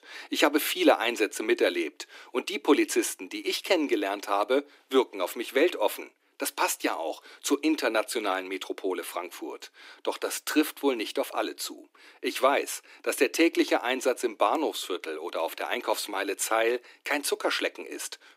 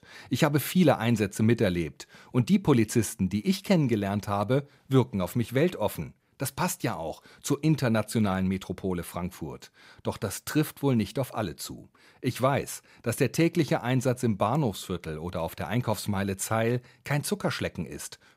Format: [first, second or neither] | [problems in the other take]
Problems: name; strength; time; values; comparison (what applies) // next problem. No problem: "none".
second | thin; somewhat; fading below 300 Hz